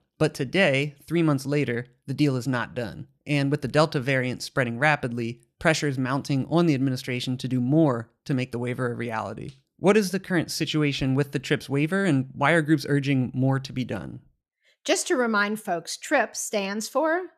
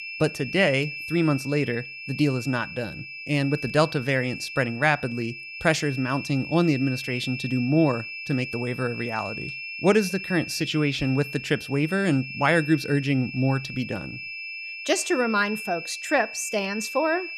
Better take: first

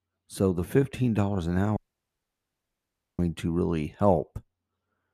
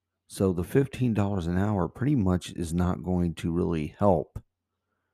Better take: second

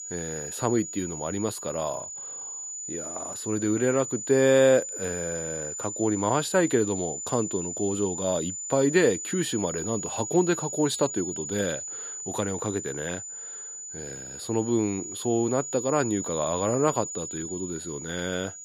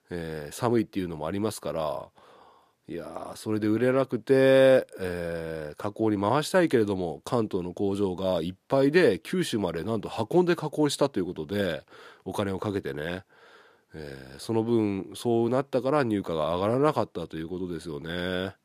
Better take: second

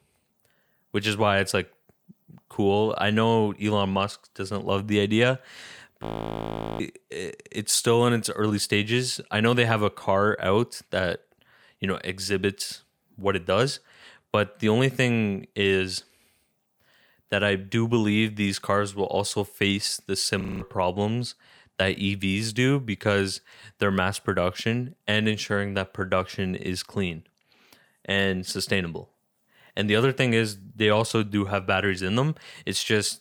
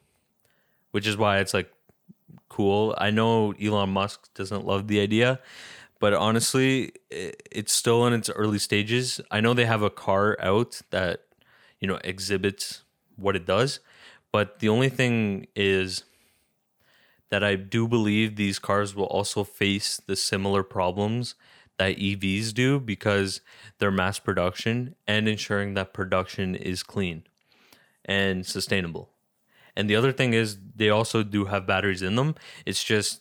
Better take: second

